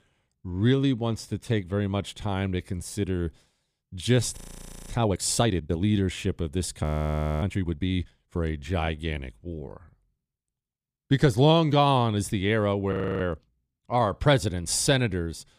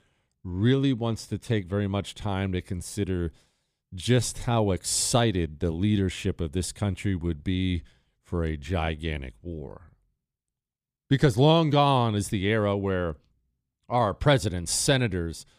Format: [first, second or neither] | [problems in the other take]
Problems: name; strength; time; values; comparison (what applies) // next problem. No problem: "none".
second | audio freezing; at 4.5 s for 0.5 s, at 7 s for 0.5 s and at 13 s